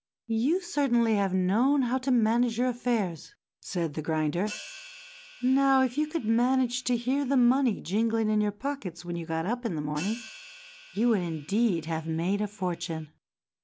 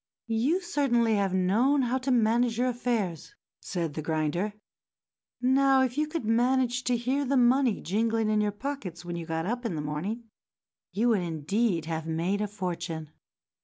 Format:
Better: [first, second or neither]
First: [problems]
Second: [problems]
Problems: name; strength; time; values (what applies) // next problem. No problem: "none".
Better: second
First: background sound (Hi-hat); 20 dB below the speech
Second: none